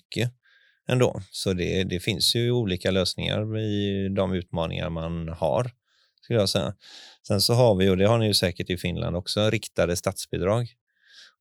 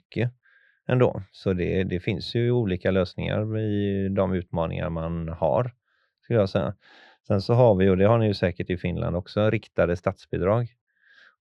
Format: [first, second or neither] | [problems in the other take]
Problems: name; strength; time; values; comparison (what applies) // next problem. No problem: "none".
first | muffled; very; fading above 1.5 kHz